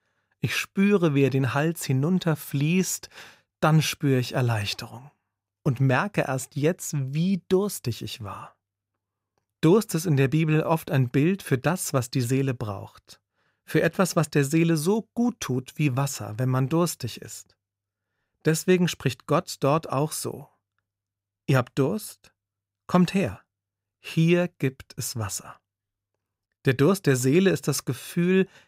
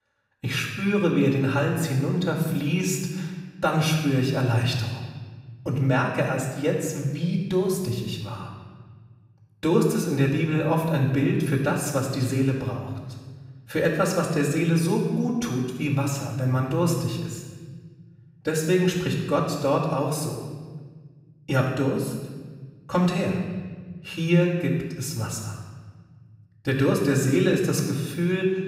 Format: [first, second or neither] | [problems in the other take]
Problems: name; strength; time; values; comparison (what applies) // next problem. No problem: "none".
first | room echo; noticeable; dies away in 1.3 s // off-mic speech; far